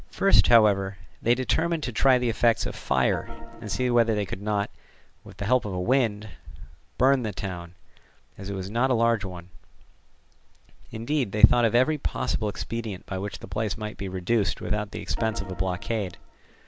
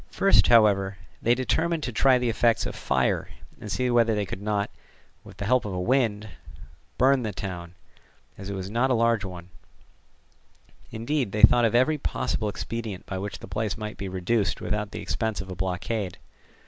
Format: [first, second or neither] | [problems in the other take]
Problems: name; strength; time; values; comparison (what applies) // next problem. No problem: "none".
second | background sound (Organ); 17 dB below the speech